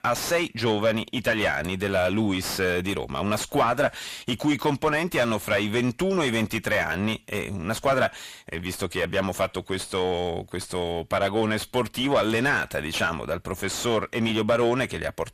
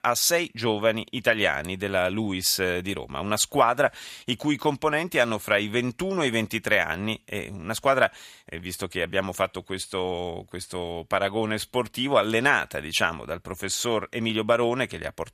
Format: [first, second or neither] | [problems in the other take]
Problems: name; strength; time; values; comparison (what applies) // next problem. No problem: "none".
second | distortion; heavy; 7 dB below the speech